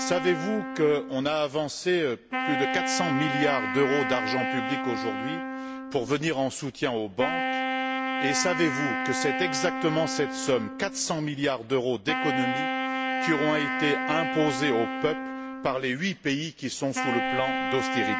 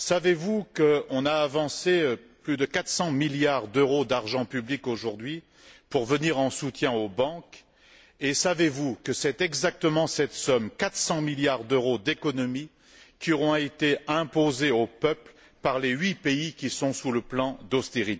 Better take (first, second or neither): second